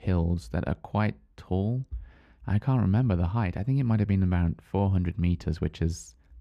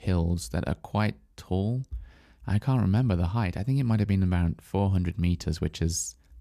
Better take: second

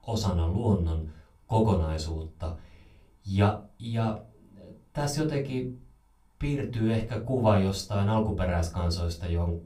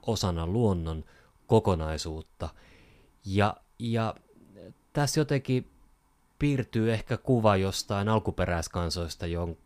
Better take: second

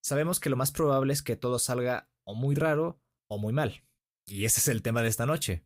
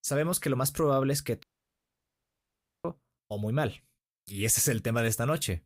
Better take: first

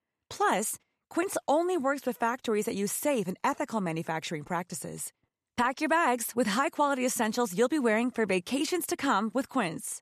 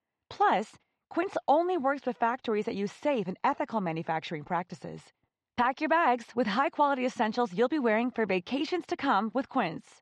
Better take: first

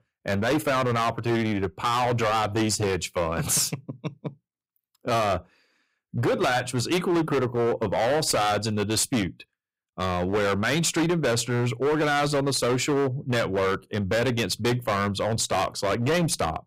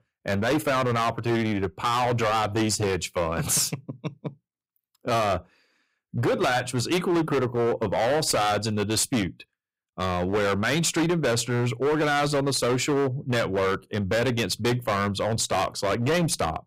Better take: neither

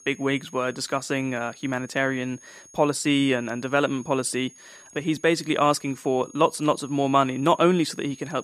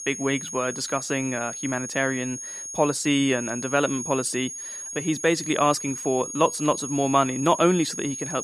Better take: first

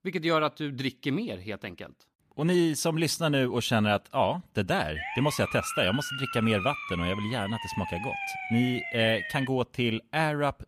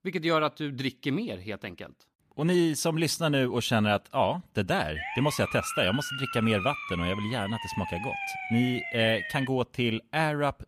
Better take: neither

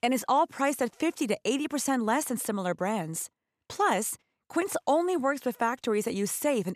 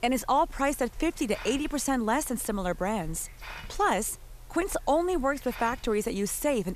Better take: first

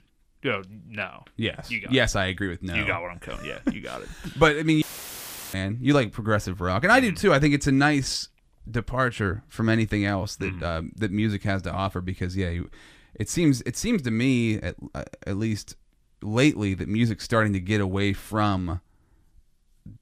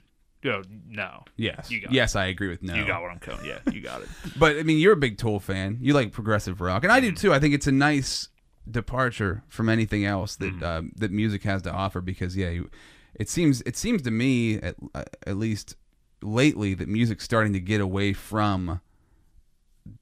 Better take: second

